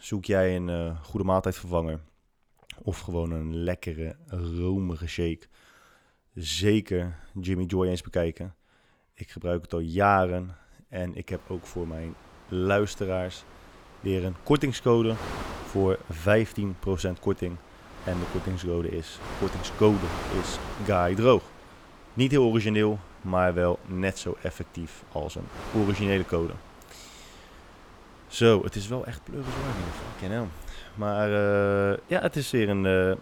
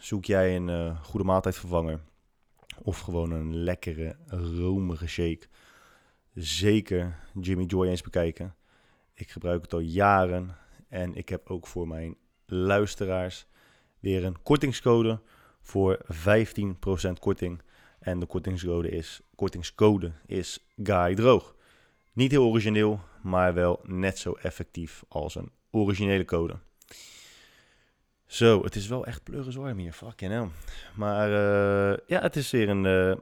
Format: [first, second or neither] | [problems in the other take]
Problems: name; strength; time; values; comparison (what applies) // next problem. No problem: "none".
second | wind noise on the microphone; occasional gusts; from 11 s on; 15 dB below the speech